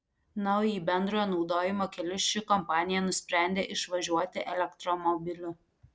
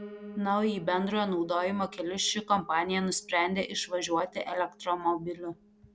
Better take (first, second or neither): first